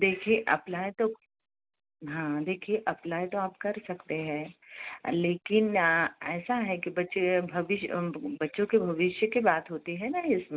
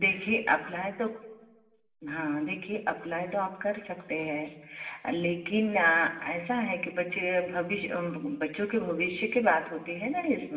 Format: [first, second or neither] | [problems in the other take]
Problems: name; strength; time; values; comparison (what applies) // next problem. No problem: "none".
first | room echo; dies away in 1.1 s